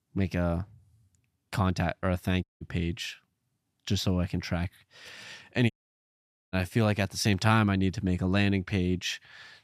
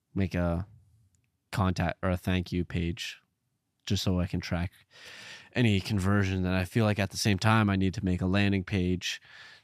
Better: second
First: audio cutting out; at 2.5 s and at 5.5 s for 1 s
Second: none

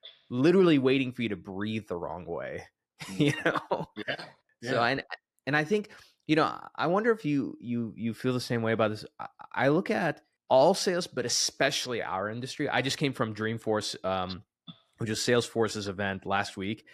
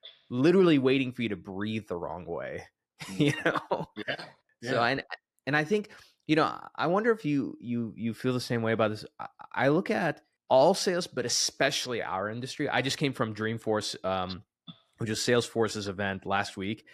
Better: neither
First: none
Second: none

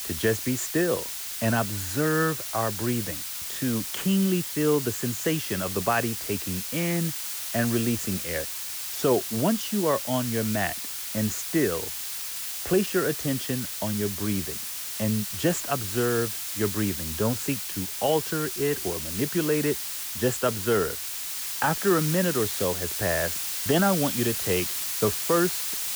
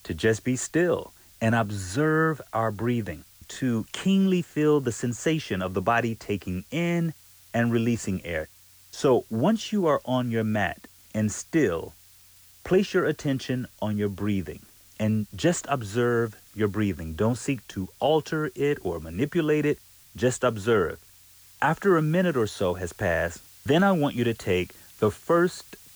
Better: second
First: hiss; loud; throughout; 3 dB below the speech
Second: hiss; faint; throughout; 25 dB below the speech

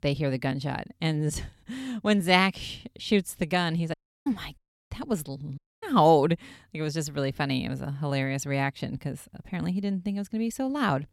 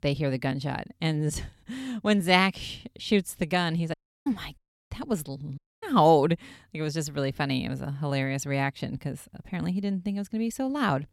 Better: neither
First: audio cutting out; at 4 s, at 4.5 s and at 5.5 s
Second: audio cutting out; at 4 s, at 4.5 s and at 5.5 s

